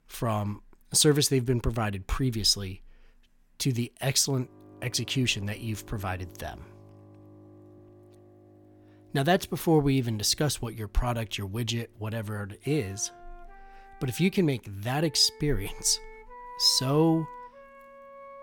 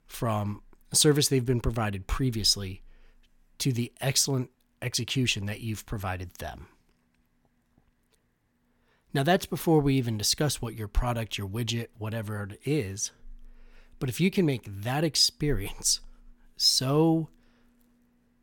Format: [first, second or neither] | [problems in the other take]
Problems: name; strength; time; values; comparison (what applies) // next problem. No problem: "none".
second | background music; faint; from 4.5 s on; 25 dB below the speech